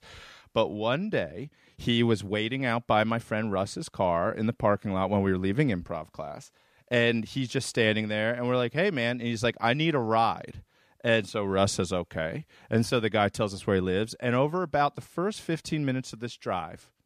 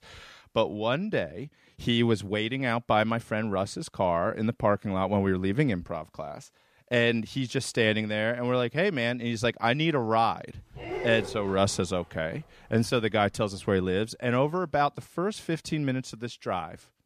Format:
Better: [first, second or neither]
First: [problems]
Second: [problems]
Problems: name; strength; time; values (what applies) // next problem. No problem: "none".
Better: first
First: none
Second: dog barking; noticeable; from 11 to 12 s; peak 6 dB below the speech